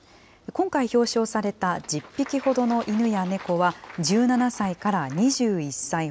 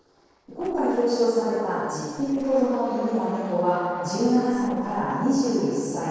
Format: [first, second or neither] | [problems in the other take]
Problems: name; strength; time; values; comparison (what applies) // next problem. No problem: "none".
first | noise reduction (neural separator model SepFormer DNS4)